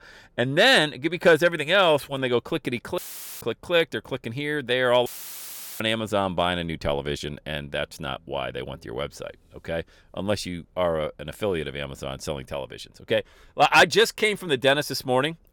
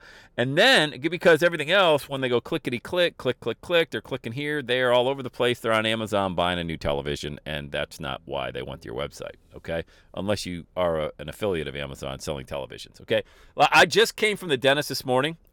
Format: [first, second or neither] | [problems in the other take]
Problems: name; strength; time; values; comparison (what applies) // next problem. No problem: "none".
second | audio cutting out; filled with static; at 3 s and at 5 s for 0.5 s